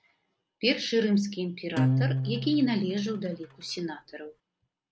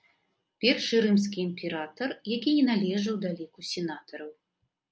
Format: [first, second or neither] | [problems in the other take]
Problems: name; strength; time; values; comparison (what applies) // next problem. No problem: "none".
second | background sound (Acoustic guitar); 1 dB below the speech